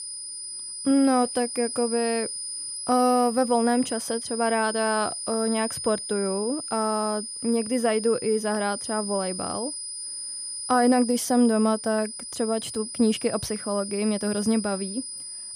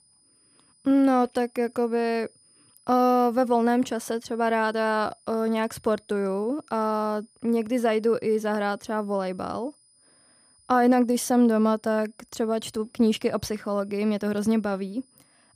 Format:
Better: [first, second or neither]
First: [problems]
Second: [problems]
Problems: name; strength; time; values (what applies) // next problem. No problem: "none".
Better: second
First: high-pitched whine; loud; throughout; 9.5 kHz, 7 dB below the speech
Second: high-pitched whine; faint; throughout; 9.5 kHz, 35 dB below the speech